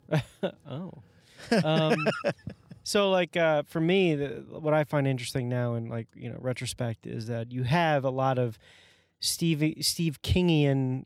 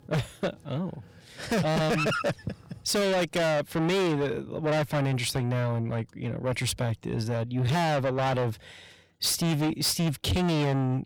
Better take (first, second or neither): first